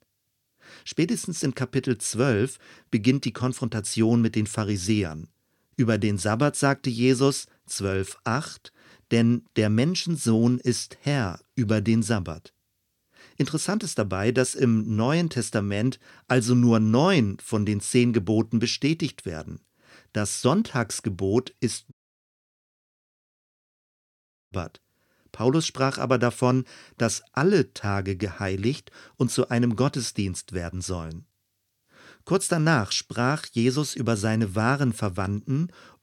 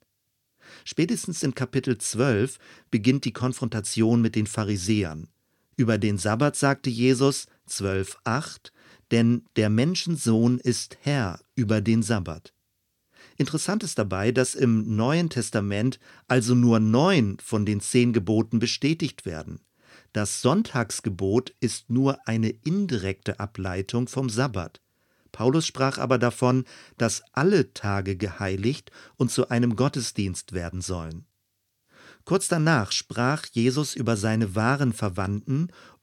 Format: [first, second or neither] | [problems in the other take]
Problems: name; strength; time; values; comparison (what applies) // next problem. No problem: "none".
second | audio cutting out; at 22 s for 2.5 s